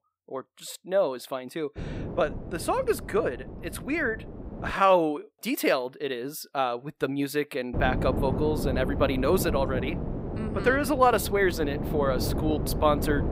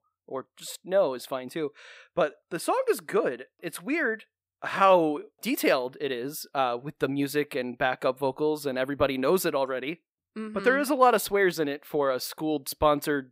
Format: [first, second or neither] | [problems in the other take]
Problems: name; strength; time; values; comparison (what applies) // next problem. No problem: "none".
second | wind noise on the microphone; occasional gusts; from 2 to 4.5 s and from 7.5 s on; 10 dB below the speech